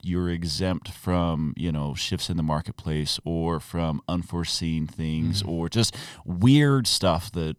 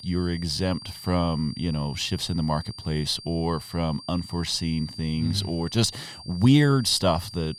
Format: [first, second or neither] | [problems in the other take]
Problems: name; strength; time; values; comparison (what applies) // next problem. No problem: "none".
first | high-pitched whine; noticeable; throughout; 4.5 kHz, 15 dB below the speech